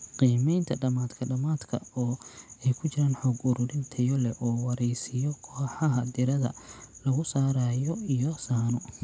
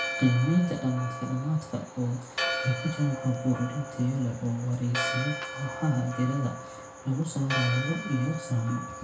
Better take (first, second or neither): first